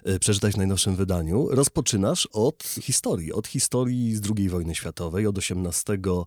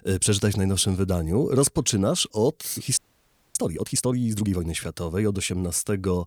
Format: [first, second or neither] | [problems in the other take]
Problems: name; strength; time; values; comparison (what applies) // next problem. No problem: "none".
first | audio freezing; at 3 s for 0.5 s